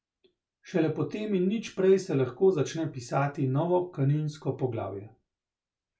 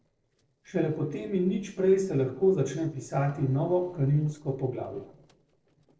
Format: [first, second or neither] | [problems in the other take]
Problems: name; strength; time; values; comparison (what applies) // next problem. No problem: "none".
first | noise reduction (neural separator model SepFormer DNS4)